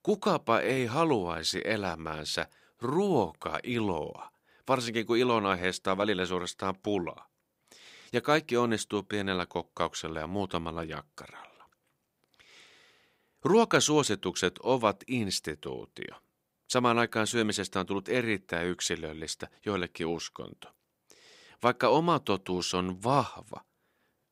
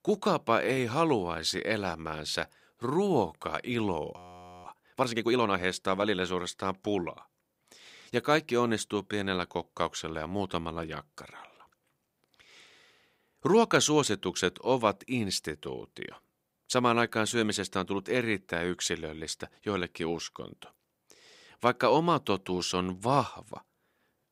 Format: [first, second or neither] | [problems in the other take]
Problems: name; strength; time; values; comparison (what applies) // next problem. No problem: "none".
first | audio freezing; at 4 s